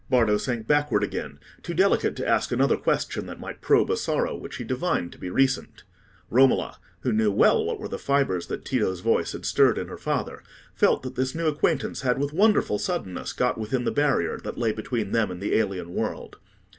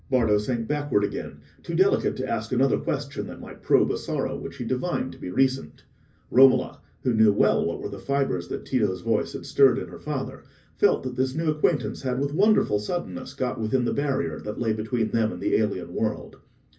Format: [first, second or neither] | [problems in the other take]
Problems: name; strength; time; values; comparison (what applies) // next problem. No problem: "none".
first | room echo; dies away in 0.4 s